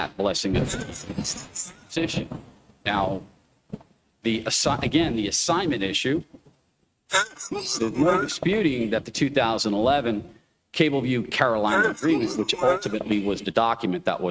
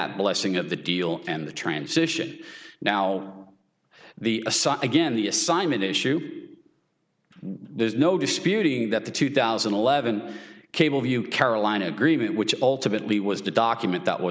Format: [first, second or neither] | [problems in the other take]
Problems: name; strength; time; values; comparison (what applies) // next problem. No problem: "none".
second | noise reduction (neural mask model RNNoise)